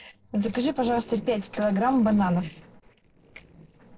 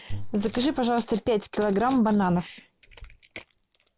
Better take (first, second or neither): second